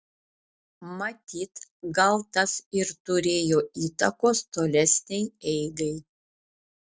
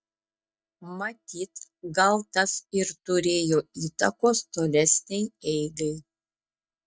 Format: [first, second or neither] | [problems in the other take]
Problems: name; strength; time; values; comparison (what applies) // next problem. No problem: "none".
first | noise reduction (neural mask model DeepFilterNet 3)